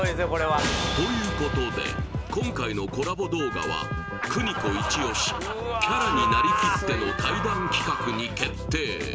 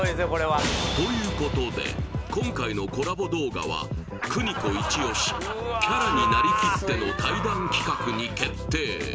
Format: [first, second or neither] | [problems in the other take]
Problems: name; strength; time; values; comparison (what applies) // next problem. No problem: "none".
second | background sound (Wind instrument, woodwind instrument); 11 dB below the speech